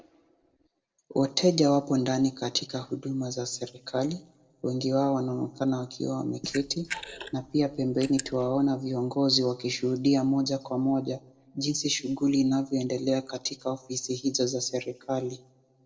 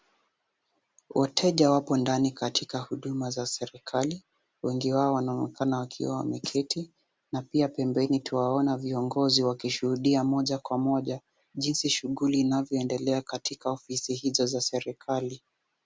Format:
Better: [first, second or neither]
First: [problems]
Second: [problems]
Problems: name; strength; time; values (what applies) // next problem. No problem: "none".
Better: second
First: noise reduction (neural separator model SepFormer DNS4)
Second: none